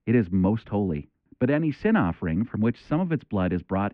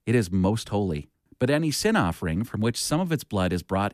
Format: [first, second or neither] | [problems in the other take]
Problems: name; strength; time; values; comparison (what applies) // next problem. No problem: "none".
second | muffled; very; fading above 2.5 kHz